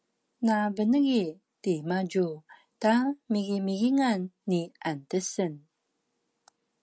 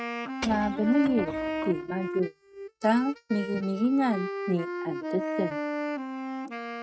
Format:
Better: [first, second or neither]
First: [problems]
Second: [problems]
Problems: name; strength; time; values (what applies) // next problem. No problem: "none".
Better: first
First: none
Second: noise reduction (neural mask model RNNoise)